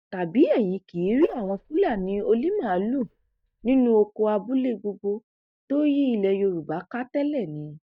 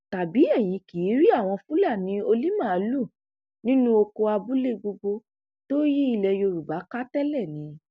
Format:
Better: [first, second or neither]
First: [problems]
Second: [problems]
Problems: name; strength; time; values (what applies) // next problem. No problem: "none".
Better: second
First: noise reduction (neural mask model DeepFilterNet 3)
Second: none